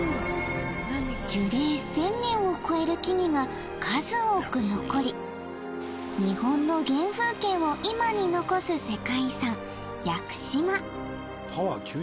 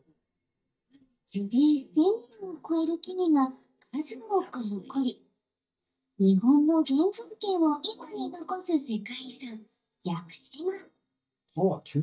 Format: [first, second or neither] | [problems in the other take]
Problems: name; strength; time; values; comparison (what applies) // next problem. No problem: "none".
first | noise reduction (neural mask model DeepFilterNet 3)